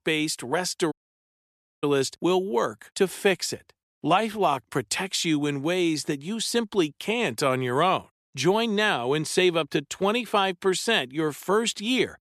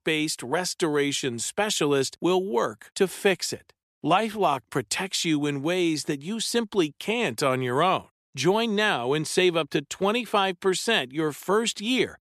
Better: second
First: audio cutting out; at 1 s for 1 s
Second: none

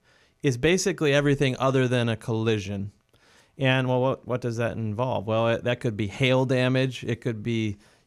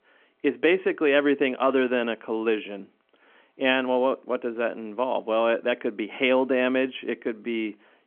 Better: first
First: none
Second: phone-call audio; nothing above 3.5 kHz

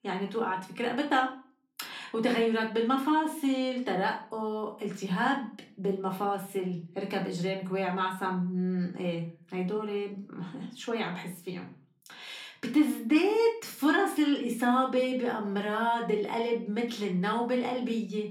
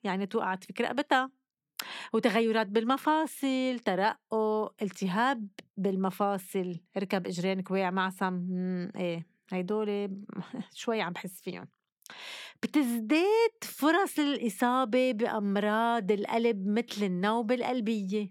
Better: second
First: off-mic speech; far // room echo; very slight; dies away in 0.3 s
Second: none

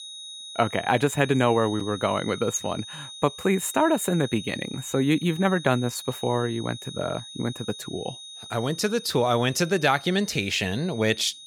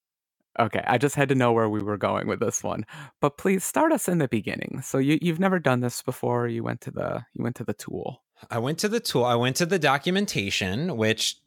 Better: second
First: high-pitched whine; noticeable; throughout; 3.5 kHz, 15 dB below the speech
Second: none

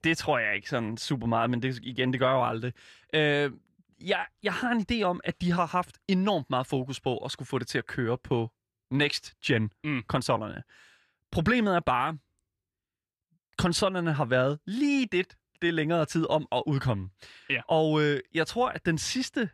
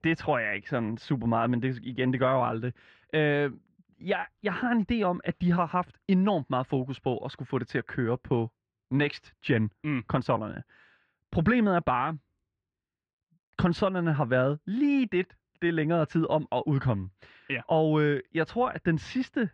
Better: first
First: none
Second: muffled; slightly; fading above 2.5 kHz

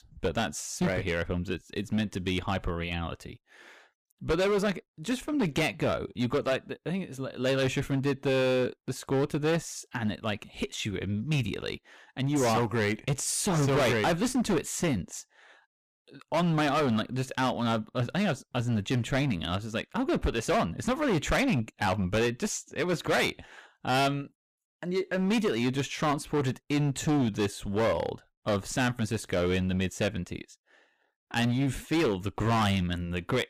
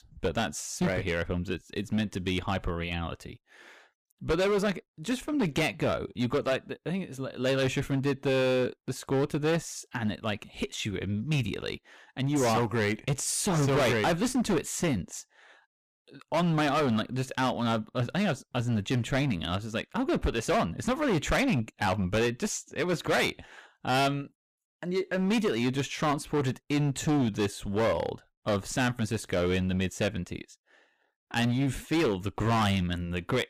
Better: neither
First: distortion; heavy; 11% of the sound clipped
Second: distortion; heavy; 11% of the sound clipped

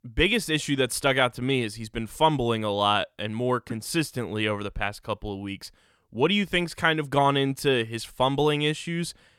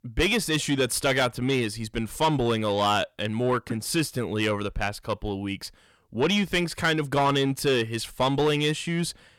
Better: first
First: none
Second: distortion; slight; 10 dB below the speech

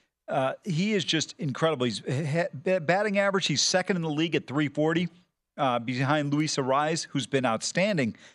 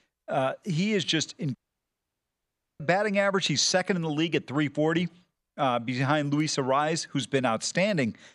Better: first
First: none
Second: audio cutting out; at 1.5 s for 1 s

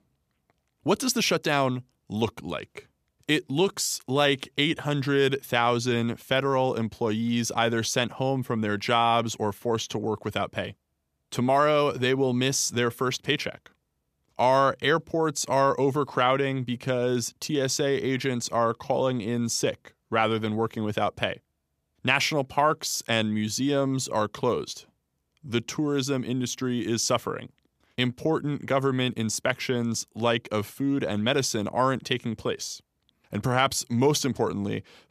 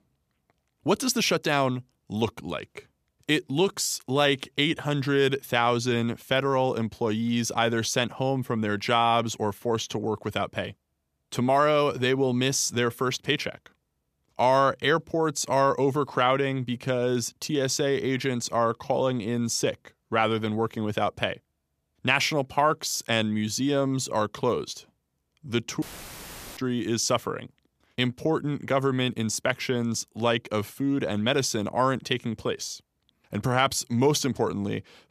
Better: first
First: none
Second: audio cutting out; filled with static; at 26 s for 1 s

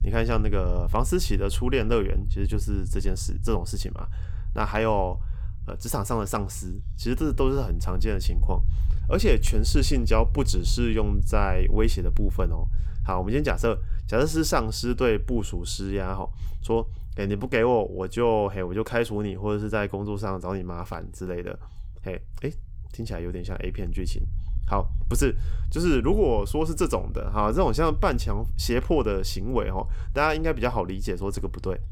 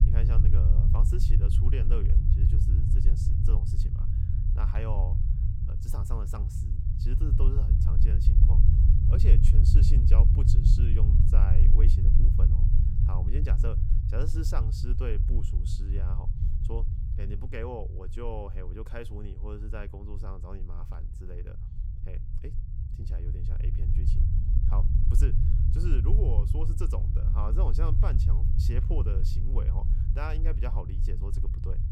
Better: first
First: low rumble; faint; throughout; 20 dB below the speech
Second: low rumble; loud; throughout; as loud as the speech

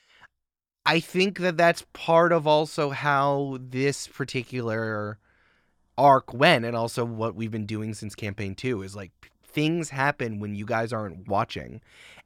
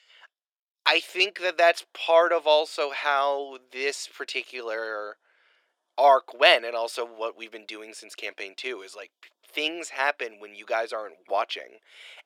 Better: first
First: none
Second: thin; very; fading below 400 Hz

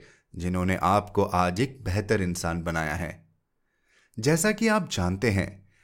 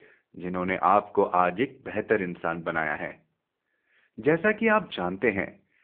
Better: first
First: none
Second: phone-call audio; poor line; nothing above 3.5 kHz

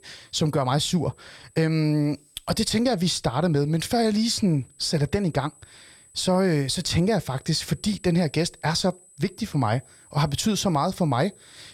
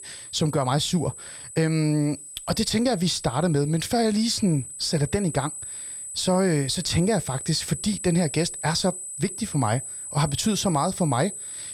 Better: first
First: high-pitched whine; faint; throughout; 8 kHz, 30 dB below the speech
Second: high-pitched whine; loud; throughout; 8 kHz, 9 dB below the speech

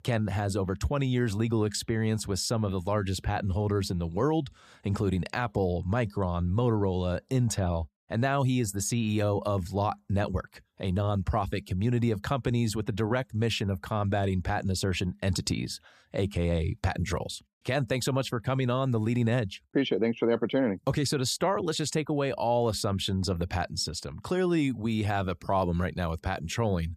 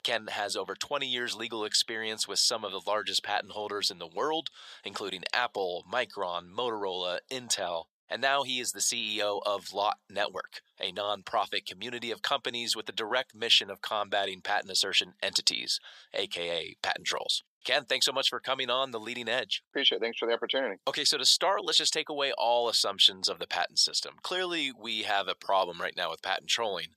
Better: first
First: none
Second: thin; very; fading below 650 Hz

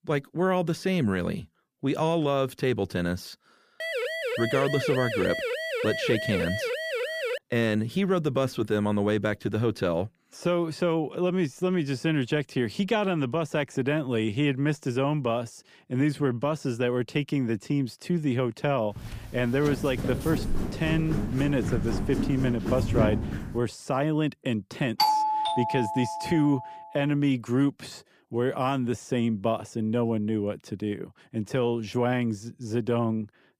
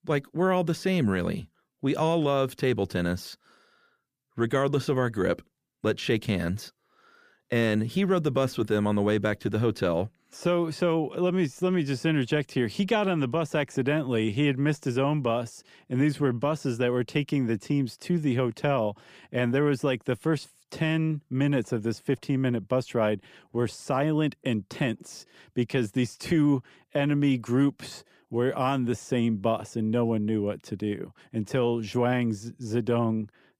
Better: second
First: siren; noticeable; from 4 to 7.5 s; peak 2 dB below the speech // footsteps; loud; from 19 to 24 s; peak 1 dB above the speech // doorbell; loud; from 25 to 27 s; peak 5 dB above the speech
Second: none

